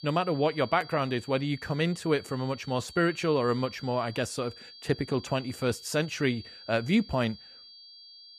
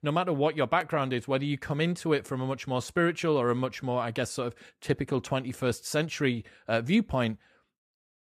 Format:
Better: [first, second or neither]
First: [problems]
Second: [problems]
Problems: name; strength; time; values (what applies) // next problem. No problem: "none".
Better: second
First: high-pitched whine; noticeable; throughout; 4.5 kHz, 15 dB below the speech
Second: none